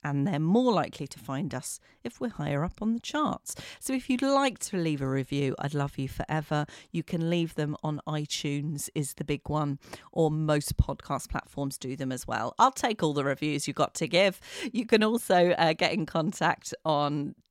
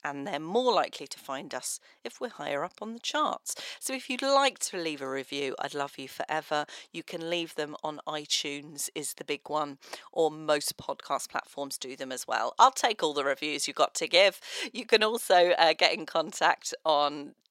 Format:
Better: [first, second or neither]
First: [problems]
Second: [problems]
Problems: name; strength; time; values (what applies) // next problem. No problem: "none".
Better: first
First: none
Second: thin; somewhat; fading below 550 Hz